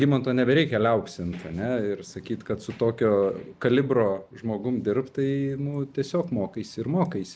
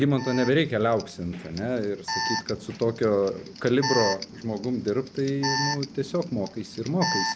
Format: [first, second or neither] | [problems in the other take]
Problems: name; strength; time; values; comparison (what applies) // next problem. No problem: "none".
first | background sound (Alarm); 7 dB below the speech